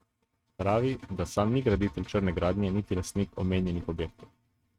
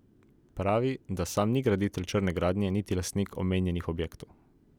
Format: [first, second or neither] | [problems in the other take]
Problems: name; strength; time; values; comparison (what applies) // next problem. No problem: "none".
second | noise reduction (neural mask model RNNoise)